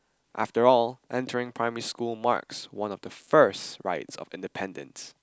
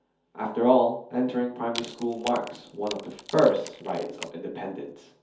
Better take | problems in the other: first | background sound (Wood); 15 dB below the speech // room echo; dies away in 0.5 s

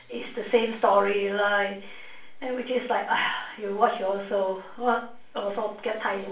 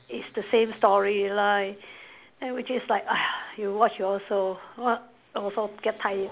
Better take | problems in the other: second | room echo; dies away in 0.4 s

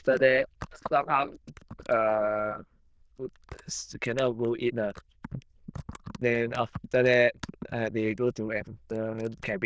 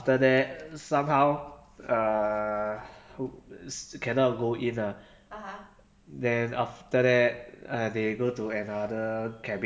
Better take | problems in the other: second | noise reduction (neural diffusion model UNIVERSE++)

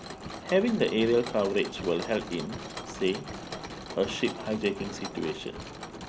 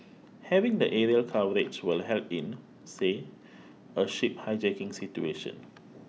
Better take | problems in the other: second | background sound (Mechanisms); 10 dB below the speech

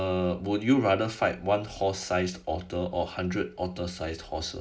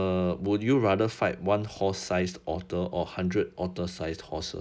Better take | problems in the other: second | room echo; dies away in 0.3 s

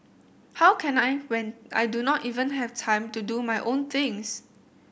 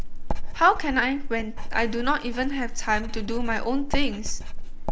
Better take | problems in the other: first | background sound (Writing); 1 dB above the speech

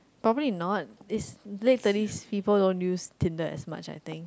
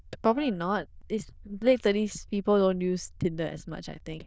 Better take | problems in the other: first | noise reduction (neural diffusion model UNIVERSE++)

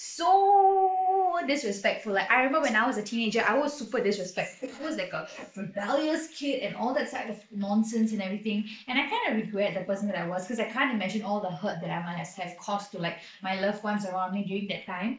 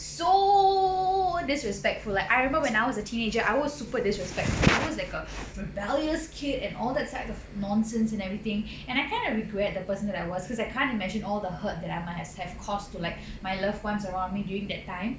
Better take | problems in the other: second | noise reduction (neural mask model Resemble Enhance denoiser)

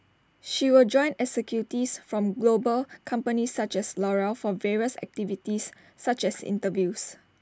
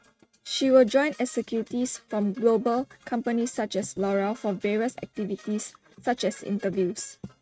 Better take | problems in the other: first | noise reduction (neural mask model RNNoise)

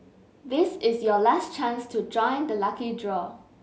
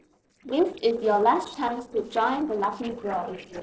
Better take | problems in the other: first | noise reduction (neural separator model SepFormer DNS4)

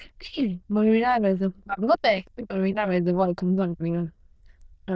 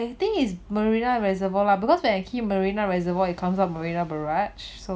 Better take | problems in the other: second | noise reduction (neural diffusion model UNIVERSE++)

